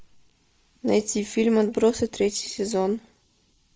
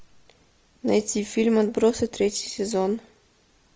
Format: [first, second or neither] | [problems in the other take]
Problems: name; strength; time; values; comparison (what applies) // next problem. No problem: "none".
second | noise reduction (neural mask model Resemble Enhance denoiser)